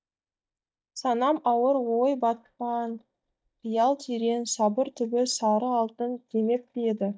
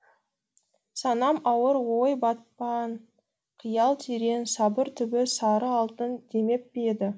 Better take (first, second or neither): second